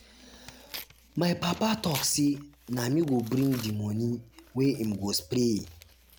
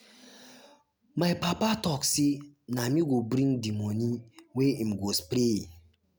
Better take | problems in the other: second | background sound (Tearing); 17 dB below the speech

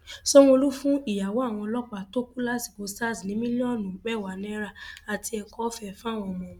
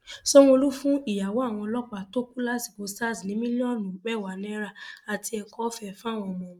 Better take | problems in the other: first | noise reduction (neural mask model Resemble Enhance denoiser)

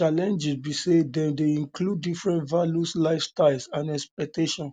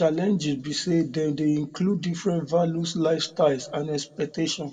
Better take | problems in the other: first | room echo; dies away in 1 s

